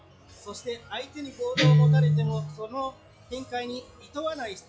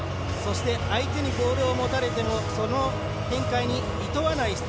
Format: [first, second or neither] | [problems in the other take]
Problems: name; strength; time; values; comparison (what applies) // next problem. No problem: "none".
second | noise reduction (classical method log-MMSE)